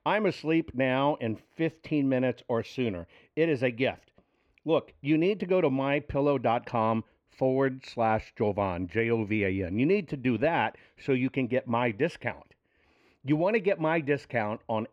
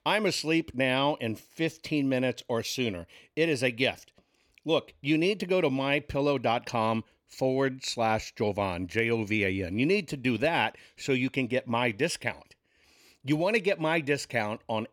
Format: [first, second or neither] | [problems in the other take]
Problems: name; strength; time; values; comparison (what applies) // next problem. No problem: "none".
second | muffled; very; fading above 3.5 kHz